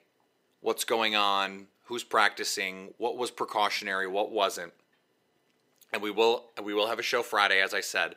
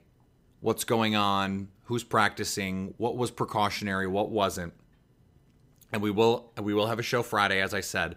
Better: second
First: thin; somewhat; fading below 450 Hz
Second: none

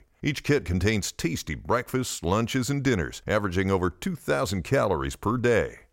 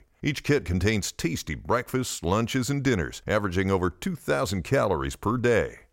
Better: neither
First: none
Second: none

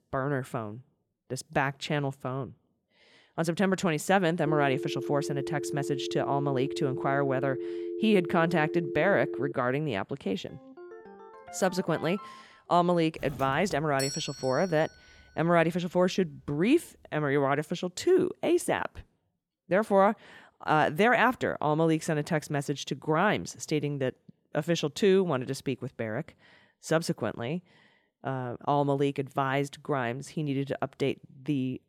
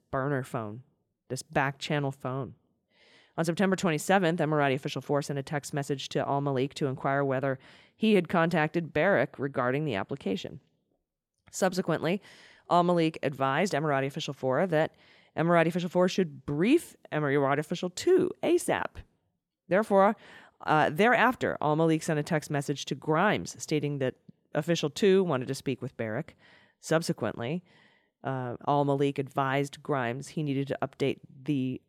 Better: second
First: phone ringing; noticeable; from 4.5 to 9.5 s; peak 5 dB below the speech // phone ringing; faint; from 10 to 13 s; peak 15 dB below the speech // doorbell; noticeable; from 13 to 15 s; peak 6 dB below the speech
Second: none

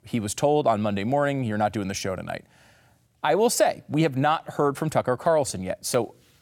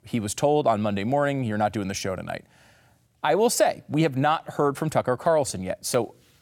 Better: neither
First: none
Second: none

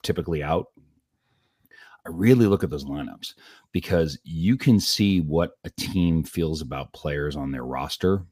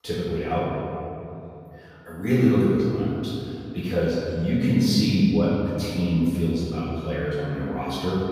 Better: first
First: none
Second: off-mic speech; far // room echo; strong; dies away in 2.7 s

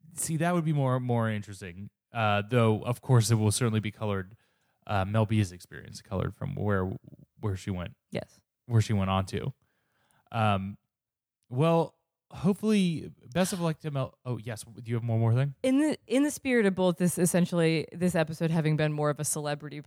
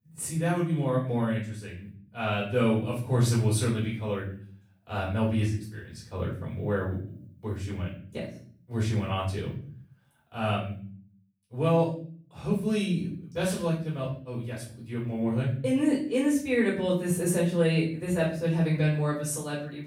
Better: first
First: none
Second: room echo; noticeable; dies away in 0.5 s // off-mic speech; far

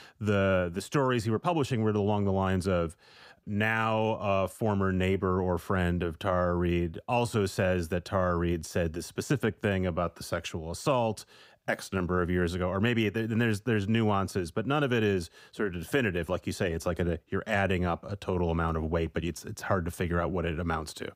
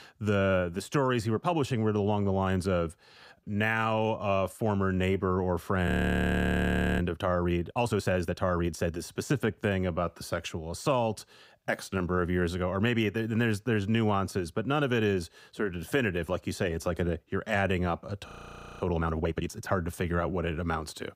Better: first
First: none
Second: audio freezing; at 6 s for 1 s and at 18 s for 0.5 s

